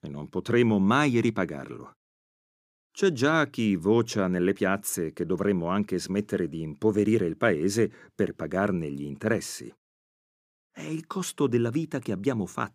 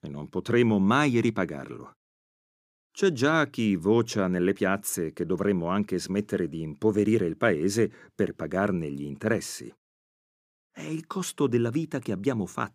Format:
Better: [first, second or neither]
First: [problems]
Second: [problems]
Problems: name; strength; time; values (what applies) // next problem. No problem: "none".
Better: neither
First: none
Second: none